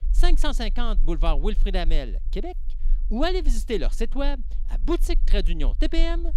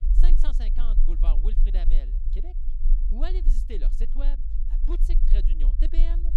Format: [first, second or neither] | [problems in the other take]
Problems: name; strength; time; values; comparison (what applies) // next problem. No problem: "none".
first | low rumble; loud; throughout; 8 dB below the speech; faint in the first